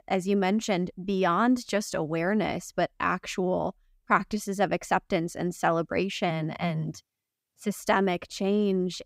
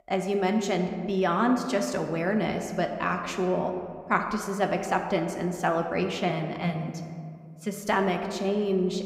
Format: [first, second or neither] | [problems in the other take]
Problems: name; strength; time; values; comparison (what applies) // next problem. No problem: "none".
first | room echo; slight; dies away in 1.5 s